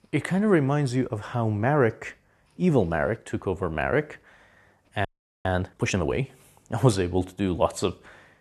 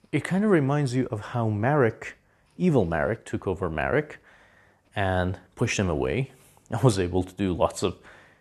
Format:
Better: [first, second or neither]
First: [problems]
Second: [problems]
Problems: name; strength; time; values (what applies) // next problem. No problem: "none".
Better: second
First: audio freezing; at 5 s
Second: none